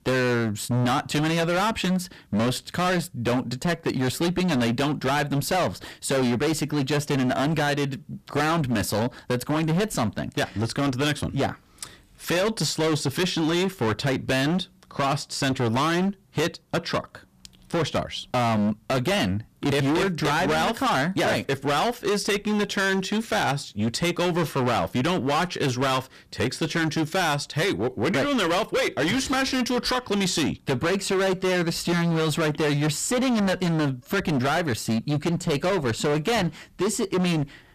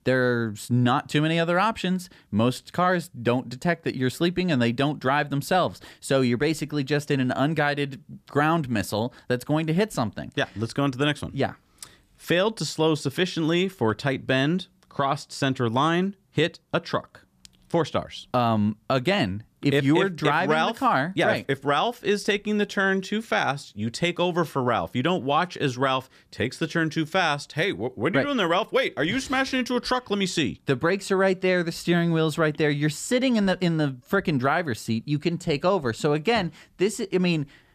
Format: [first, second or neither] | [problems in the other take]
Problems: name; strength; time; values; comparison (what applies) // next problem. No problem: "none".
second | distortion; heavy; 26% of the sound clipped